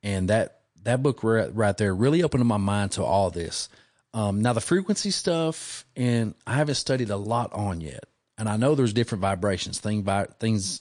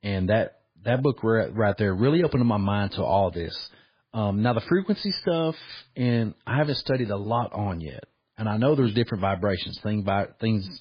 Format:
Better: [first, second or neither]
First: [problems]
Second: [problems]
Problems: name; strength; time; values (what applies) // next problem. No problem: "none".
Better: first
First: garbled, watery; slightly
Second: garbled, watery; badly; nothing above 4.5 kHz